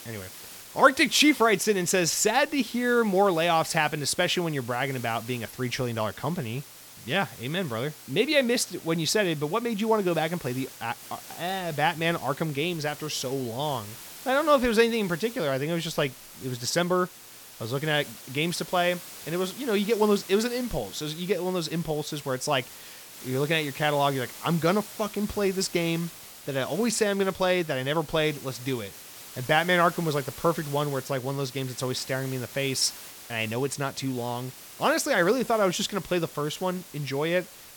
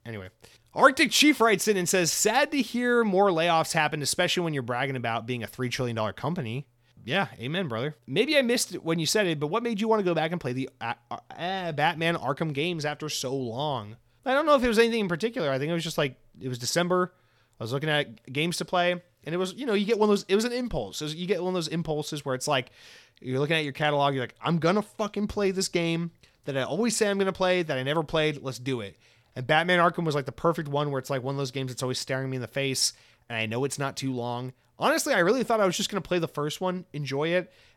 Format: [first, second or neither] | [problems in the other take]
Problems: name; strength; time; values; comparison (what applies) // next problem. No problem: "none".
second | hiss; noticeable; throughout; 15 dB below the speech